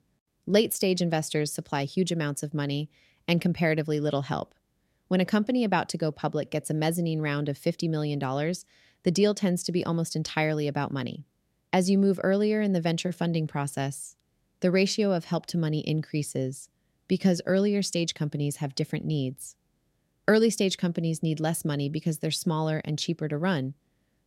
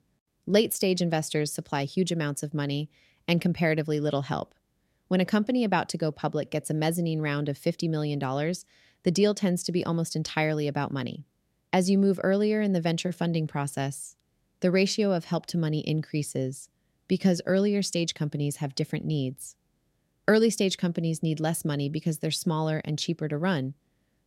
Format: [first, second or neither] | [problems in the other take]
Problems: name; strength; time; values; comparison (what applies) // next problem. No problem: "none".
neither | none